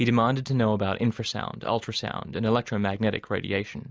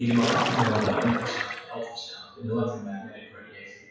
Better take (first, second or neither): first